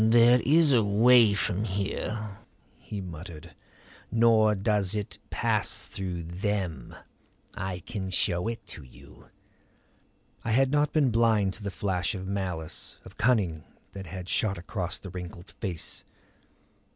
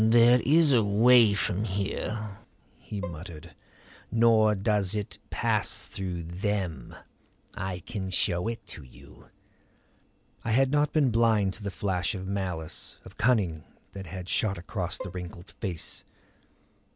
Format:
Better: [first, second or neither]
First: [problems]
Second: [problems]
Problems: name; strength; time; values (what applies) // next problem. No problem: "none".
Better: first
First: none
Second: background sound (Bowed string instrument); 19 dB below the speech